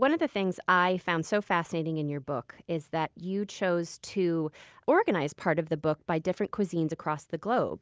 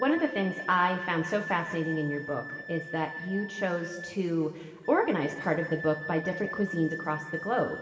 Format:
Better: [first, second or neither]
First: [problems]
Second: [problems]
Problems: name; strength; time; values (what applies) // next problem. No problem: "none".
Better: first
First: none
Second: background sound (Wind instrument, woodwind instrument); 11 dB below the speech // room echo; dies away in 2 s